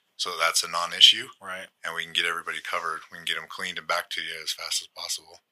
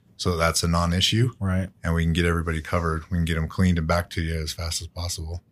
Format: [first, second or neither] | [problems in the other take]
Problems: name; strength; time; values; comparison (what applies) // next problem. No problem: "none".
second | thin; very; fading below 850 Hz